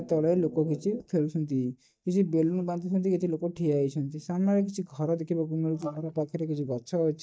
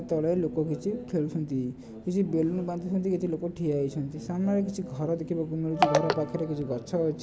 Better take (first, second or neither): second